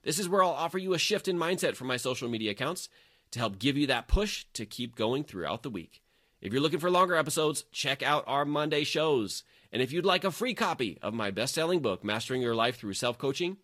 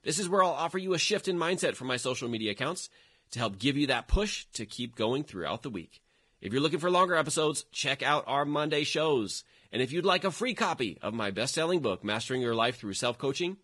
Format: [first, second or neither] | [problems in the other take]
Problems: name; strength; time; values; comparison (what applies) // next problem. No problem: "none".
first | garbled, watery; badly; nothing above 10.5 kHz; slightly in the first